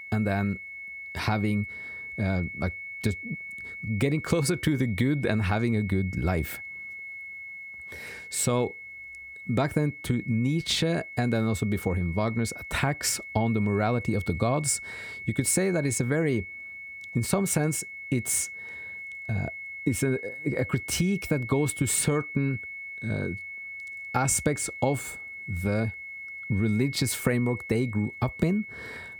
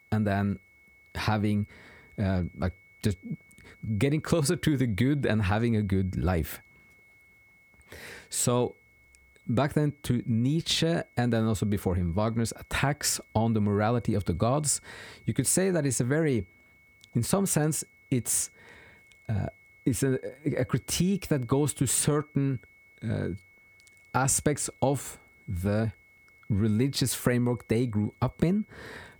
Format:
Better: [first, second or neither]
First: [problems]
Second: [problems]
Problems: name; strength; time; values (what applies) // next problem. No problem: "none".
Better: second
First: high-pitched whine; loud; throughout; 2 kHz, 10 dB below the speech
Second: high-pitched whine; faint; throughout; 2 kHz, 30 dB below the speech